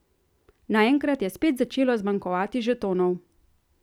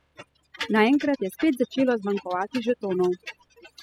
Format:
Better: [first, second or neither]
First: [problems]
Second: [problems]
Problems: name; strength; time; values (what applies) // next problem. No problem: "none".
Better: first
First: none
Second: noise reduction (classical method spectral subtraction)